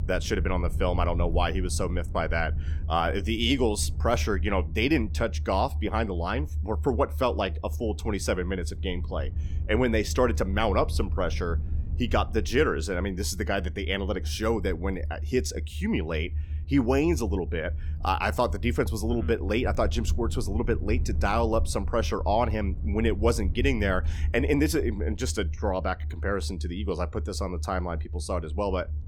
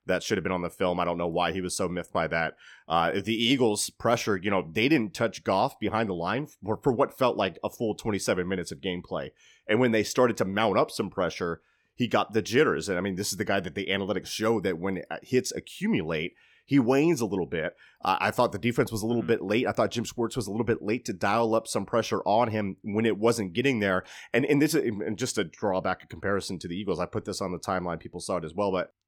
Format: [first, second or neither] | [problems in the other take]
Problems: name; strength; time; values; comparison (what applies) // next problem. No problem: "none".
second | low rumble; faint; throughout; 20 dB below the speech